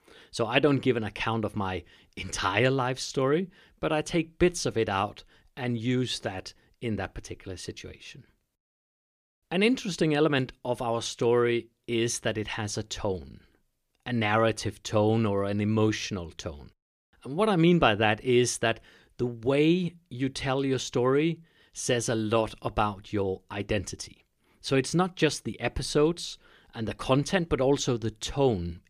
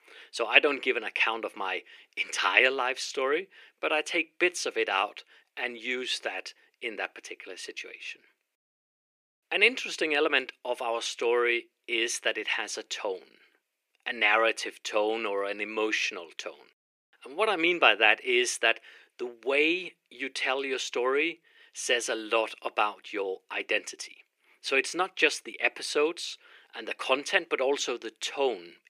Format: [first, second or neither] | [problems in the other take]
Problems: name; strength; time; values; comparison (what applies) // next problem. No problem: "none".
first | thin; very; fading below 350 Hz